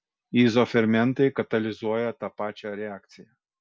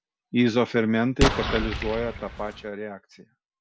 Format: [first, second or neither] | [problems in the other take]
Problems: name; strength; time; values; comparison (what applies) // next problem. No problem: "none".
first | background sound (Explosion); 1 dB below the speech